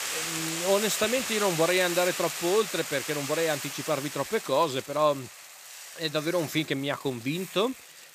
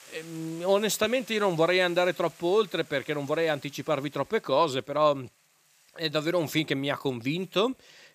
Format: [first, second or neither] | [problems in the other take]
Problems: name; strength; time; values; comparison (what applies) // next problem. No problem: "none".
second | hiss; loud; throughout; 5 dB below the speech; faint in the second